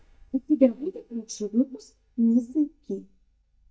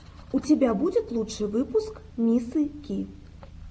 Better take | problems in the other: second | noise reduction (neural mask model DeepFilterNet 3)

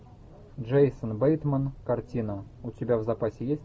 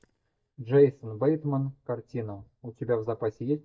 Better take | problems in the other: first | noise reduction (neural mask model DeepFilterNet 3)

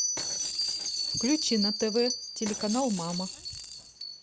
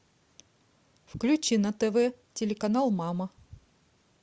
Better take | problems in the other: second | background sound (Bell + Rattle / Rattle (instrument)); 2 dB below the speech

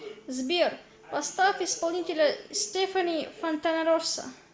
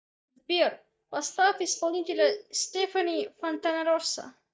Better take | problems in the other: first | noise reduction (neural mask model DeepFilterNet 3)

